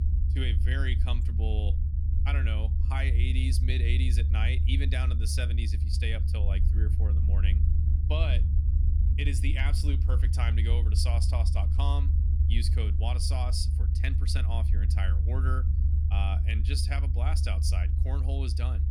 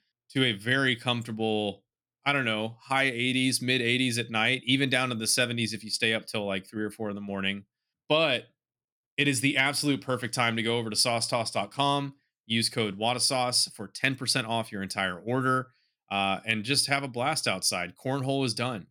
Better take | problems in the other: second | low rumble; loud; throughout; 6 dB below the speech

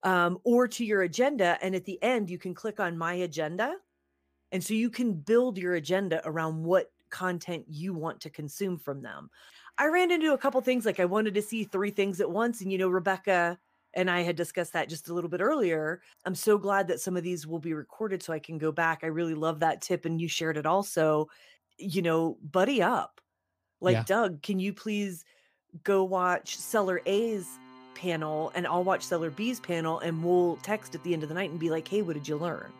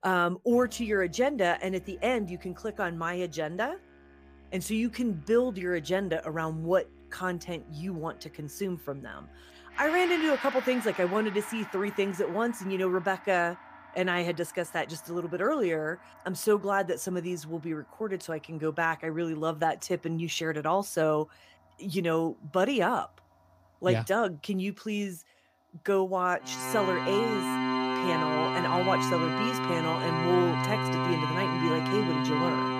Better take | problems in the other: first | background music; loud; throughout; 1 dB below the speech; faint in the first

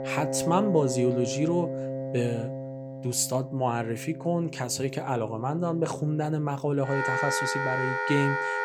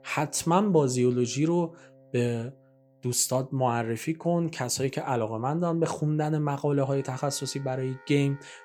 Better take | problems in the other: second | background music; loud; throughout; 4 dB below the speech; faint in the second

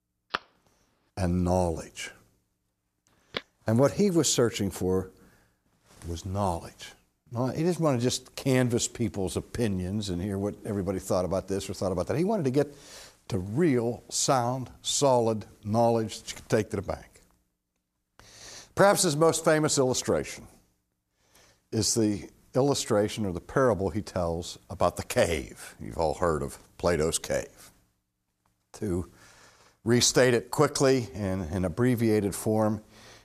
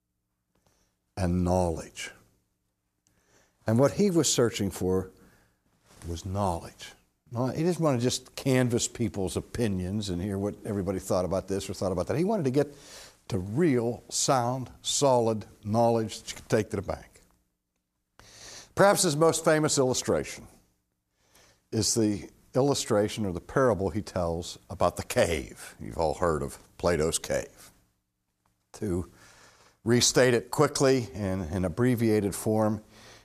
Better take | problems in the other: second | phone ringing; noticeable; until 3.5 s; peak 9 dB below the speech

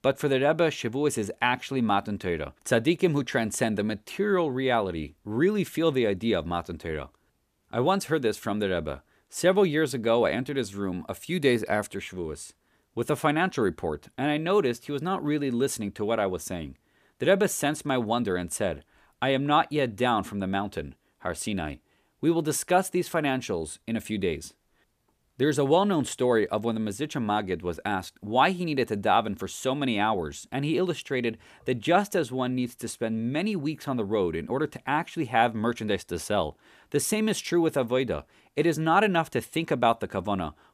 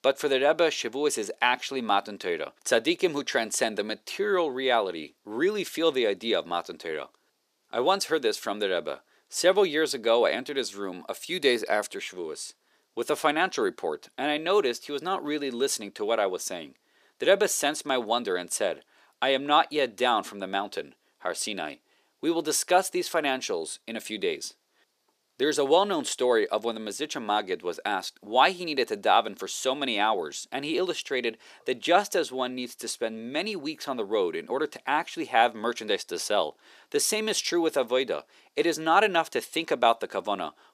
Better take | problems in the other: first | thin; somewhat; fading below 450 Hz

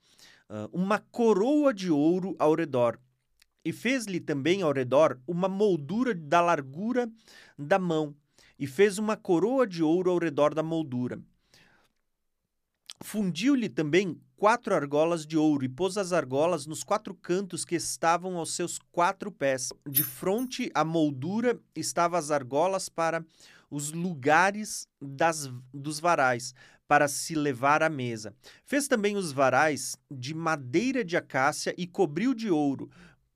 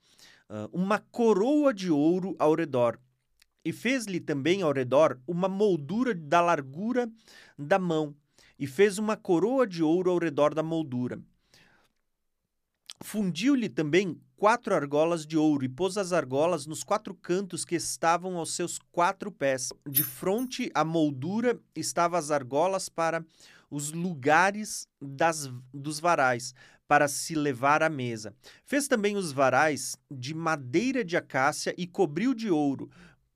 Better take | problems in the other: neither | jangling keys; loud; at 20 s; peak level with the speech; the same in both

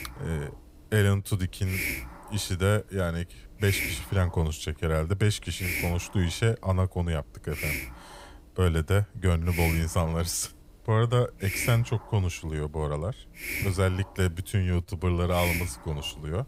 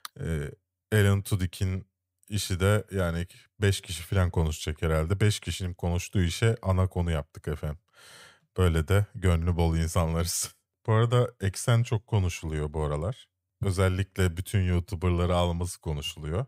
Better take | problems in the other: second | hiss; loud; throughout; 6 dB below the speech

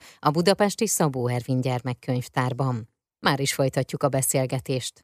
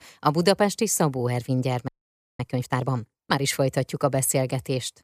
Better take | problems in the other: first | audio freezing; at 2 s for 0.5 s

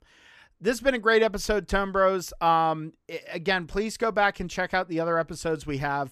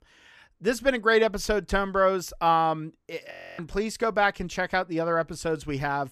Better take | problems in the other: first | audio freezing; at 3.5 s

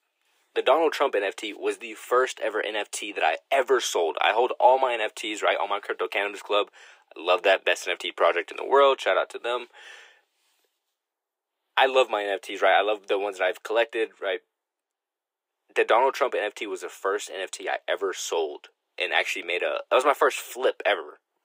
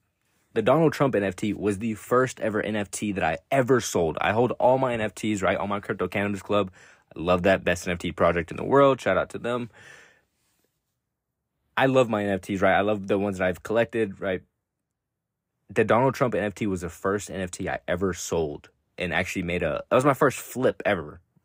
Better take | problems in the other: second | thin; very; fading below 350 Hz

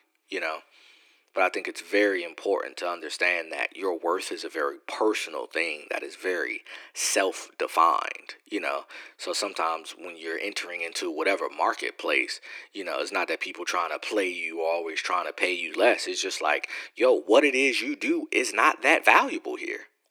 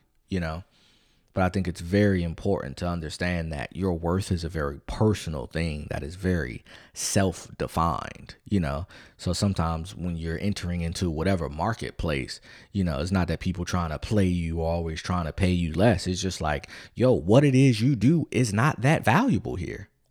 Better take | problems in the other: second | thin; very; fading below 300 Hz

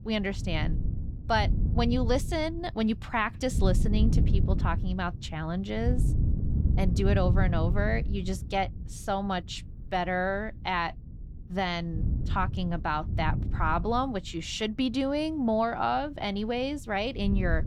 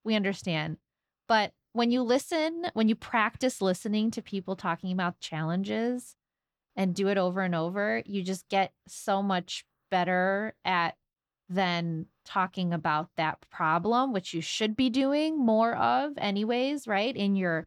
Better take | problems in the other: second | wind noise on the microphone; occasional gusts; 15 dB below the speech

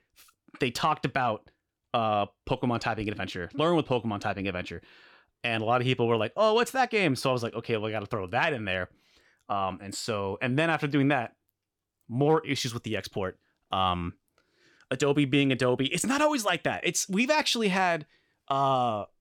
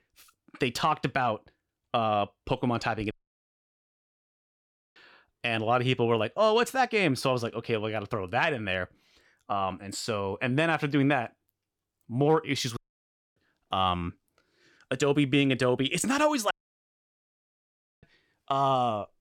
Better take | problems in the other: first | audio cutting out; at 3 s for 2 s, at 13 s for 0.5 s and at 17 s for 1.5 s

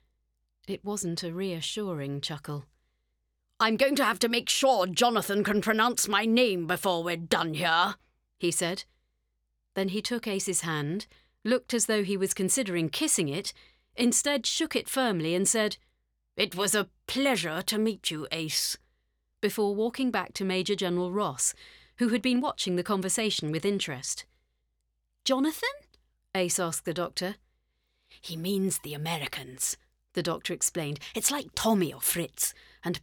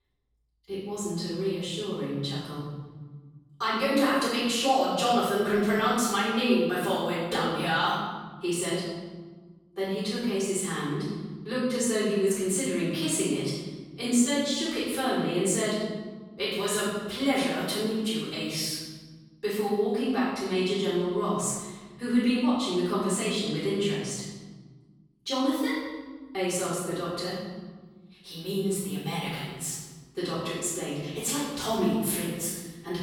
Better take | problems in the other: first | off-mic speech; far // room echo; strong; dies away in 1.4 s

